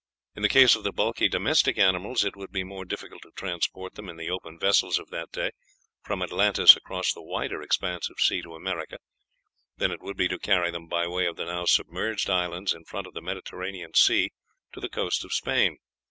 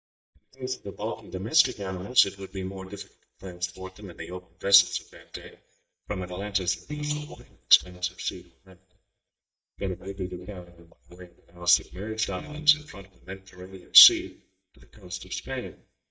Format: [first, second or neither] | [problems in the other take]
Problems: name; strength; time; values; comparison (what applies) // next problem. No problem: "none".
first | noise reduction (neural mask model DeepFilterNet 3)